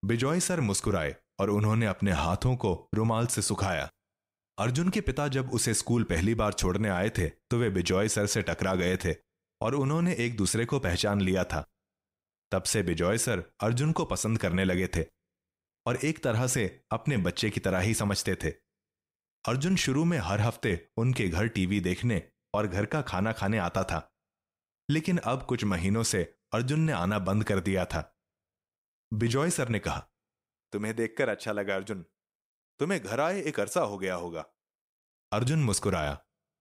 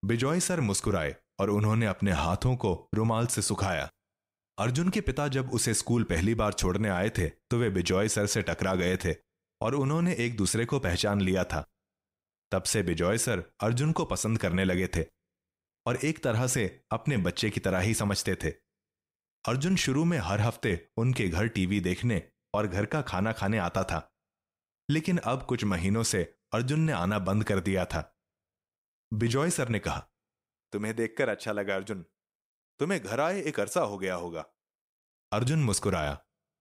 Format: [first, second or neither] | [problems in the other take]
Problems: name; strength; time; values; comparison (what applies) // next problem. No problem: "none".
neither | none